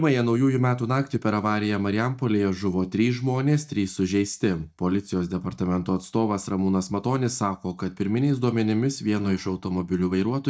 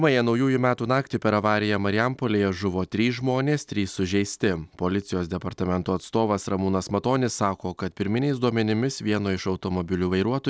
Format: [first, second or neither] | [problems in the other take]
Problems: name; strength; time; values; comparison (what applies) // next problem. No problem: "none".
second | noise reduction (neural mask model DeepFilterNet 3)